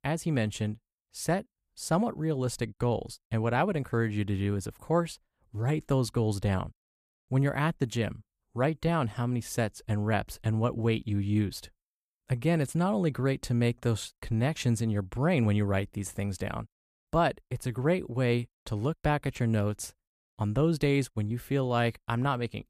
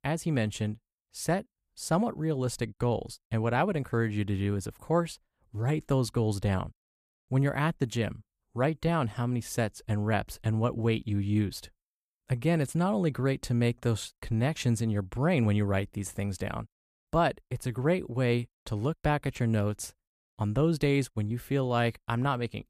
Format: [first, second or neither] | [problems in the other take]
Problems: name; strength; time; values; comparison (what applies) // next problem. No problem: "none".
neither | none